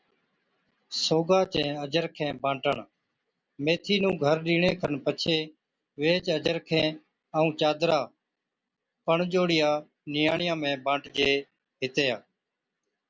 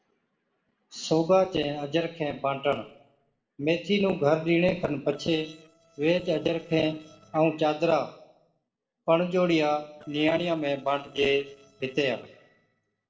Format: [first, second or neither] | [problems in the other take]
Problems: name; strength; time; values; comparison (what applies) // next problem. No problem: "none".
first | noise reduction (neural separator model SepFormer DNS4)